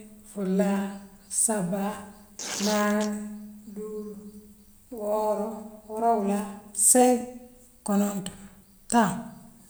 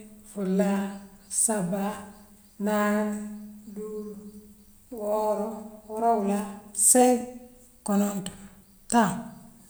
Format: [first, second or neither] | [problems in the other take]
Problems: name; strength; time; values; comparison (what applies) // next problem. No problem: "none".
second | background sound (Tearing); 8 dB below the speech